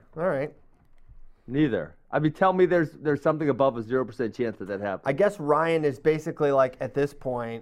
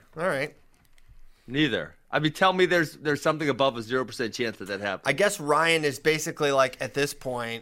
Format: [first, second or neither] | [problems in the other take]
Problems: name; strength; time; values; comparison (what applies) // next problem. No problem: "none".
second | muffled; very; fading above 2 kHz